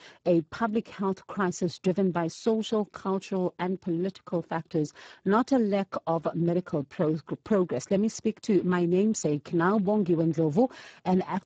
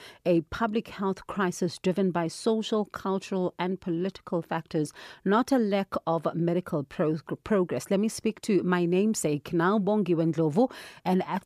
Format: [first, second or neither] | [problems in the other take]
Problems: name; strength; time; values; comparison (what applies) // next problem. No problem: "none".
second | garbled, watery; badly; nothing above 7.5 kHz